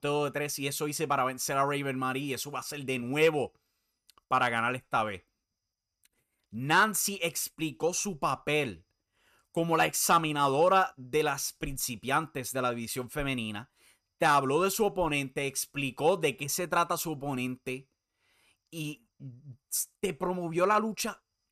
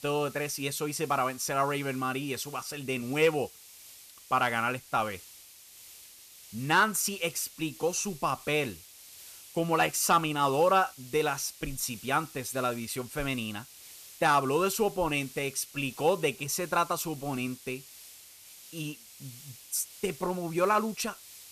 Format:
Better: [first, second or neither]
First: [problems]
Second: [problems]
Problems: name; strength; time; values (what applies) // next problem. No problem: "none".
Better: first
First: none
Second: hiss; noticeable; throughout; 20 dB below the speech